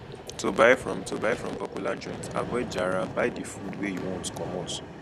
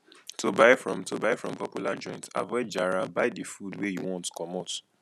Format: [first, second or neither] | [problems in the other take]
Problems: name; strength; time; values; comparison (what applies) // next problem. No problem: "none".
second | background sound (Vehicle); 10 dB below the speech